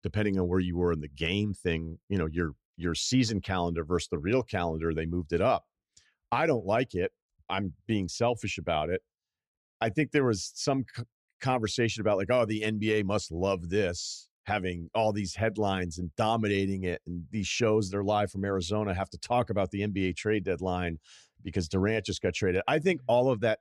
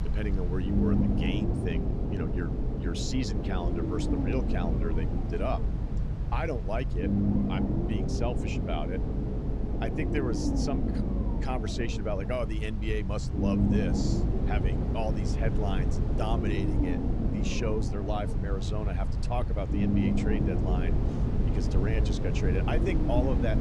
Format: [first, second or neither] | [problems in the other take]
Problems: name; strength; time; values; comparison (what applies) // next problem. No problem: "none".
first | low rumble; loud; throughout; 1 dB below the speech